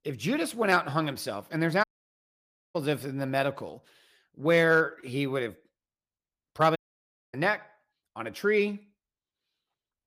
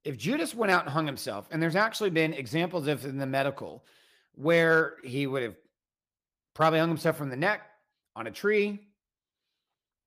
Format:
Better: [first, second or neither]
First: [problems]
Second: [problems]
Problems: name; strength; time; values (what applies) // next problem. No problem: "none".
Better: second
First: audio cutting out; at 2 s for 1 s and at 7 s for 0.5 s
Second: none